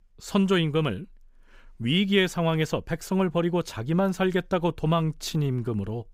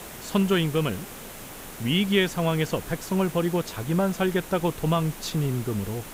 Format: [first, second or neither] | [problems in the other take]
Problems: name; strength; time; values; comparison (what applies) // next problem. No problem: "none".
first | hiss; noticeable; throughout; 15 dB below the speech